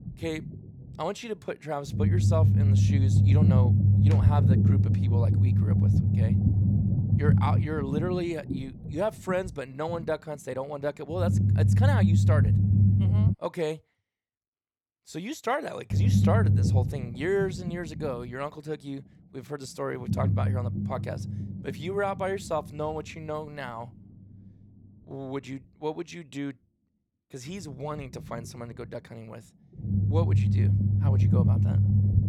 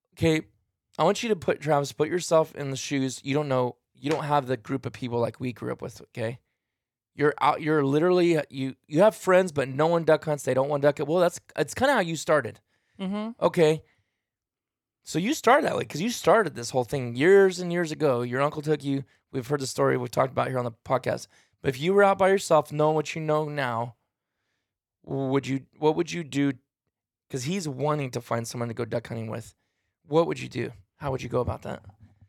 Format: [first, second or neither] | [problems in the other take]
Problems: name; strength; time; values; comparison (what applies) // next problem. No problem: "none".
second | low rumble; loud; until 13 s and from 16 s on; 2 dB below the speech